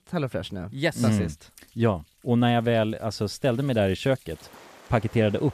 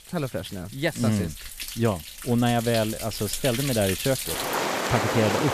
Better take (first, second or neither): first